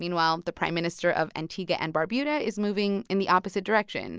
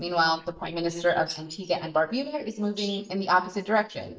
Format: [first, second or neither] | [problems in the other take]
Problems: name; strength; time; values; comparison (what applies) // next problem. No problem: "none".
first | noise reduction (neural mask model DeepFilterNet 3)